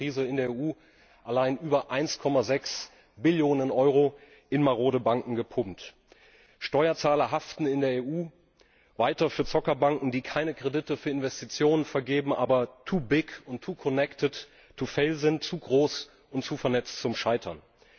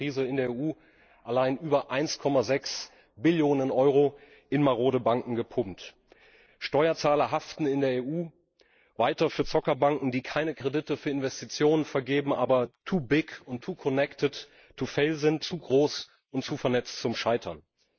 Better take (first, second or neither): first